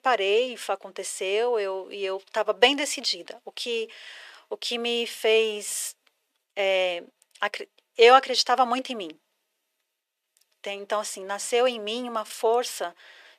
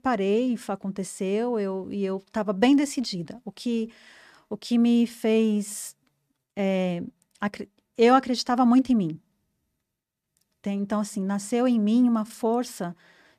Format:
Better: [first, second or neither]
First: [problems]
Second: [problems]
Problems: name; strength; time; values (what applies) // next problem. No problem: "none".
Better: second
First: thin; very; fading below 450 Hz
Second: none